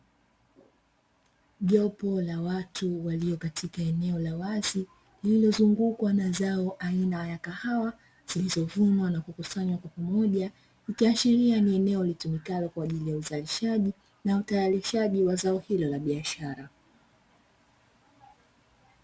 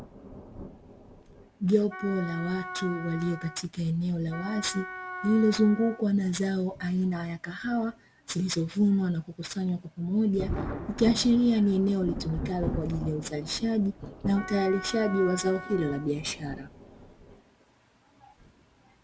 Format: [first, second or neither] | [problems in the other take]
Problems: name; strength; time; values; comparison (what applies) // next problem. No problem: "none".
first | background sound (Thunder + Wind instrument, woodwind instrument); 12 dB below the speech